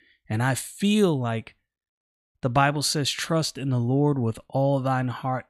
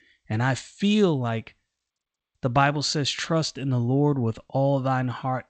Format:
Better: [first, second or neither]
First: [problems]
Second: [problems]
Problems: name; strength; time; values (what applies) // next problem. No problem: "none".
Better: first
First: none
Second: garbled, watery; slightly; nothing above 8 kHz